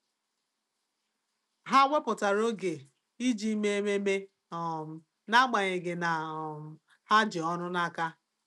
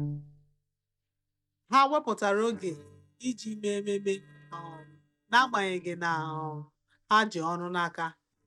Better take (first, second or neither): first